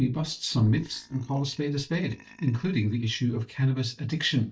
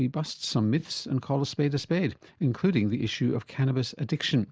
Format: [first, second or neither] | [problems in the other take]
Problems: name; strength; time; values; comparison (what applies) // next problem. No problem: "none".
second | noise reduction (neural mask model DeepFilterNet 3)